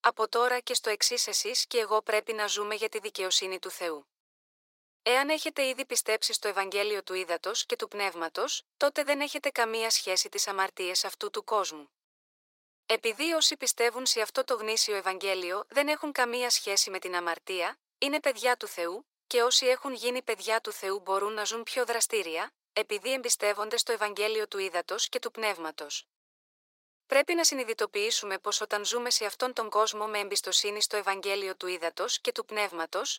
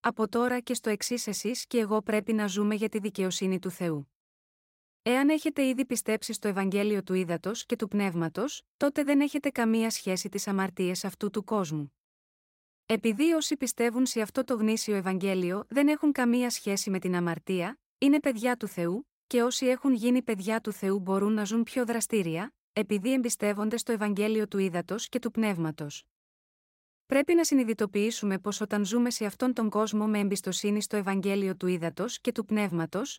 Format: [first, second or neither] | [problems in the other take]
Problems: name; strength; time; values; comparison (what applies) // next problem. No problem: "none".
second | thin; very; fading below 450 Hz